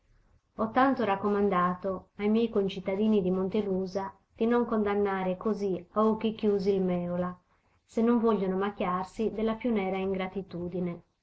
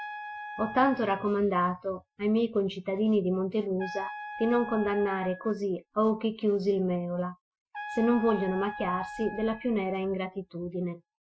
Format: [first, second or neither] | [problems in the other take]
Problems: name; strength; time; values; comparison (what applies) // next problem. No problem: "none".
first | noise reduction (classical method Wiener filter)